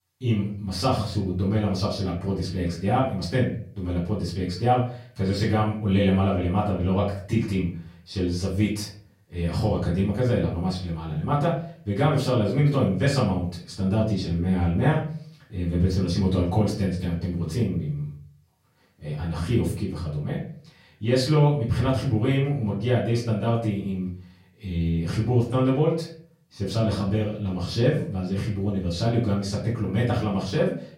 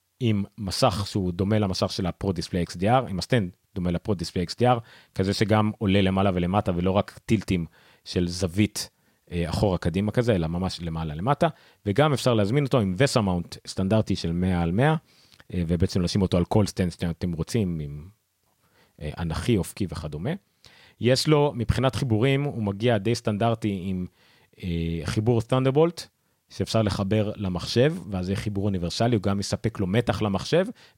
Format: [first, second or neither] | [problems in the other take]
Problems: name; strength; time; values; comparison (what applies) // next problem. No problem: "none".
second | room echo; slight; dies away in 0.5 s // off-mic speech; far